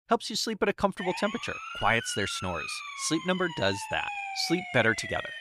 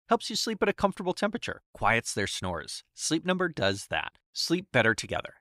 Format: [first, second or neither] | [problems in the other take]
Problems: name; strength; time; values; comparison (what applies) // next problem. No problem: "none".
second | siren; noticeable; from 1 s on; peak 5 dB below the speech